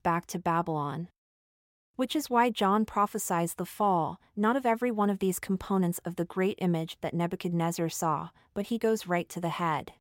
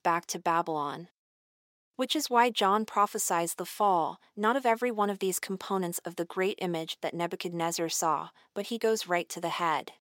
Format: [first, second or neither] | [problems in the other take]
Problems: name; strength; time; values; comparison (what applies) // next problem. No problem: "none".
first | thin; somewhat; fading below 300 Hz